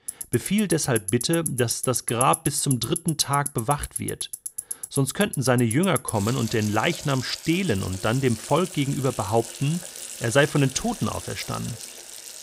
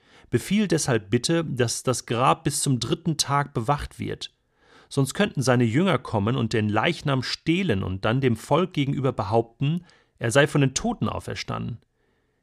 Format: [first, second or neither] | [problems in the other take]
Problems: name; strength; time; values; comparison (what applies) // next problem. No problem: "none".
second | household noises; loud; throughout; 8 dB below the speech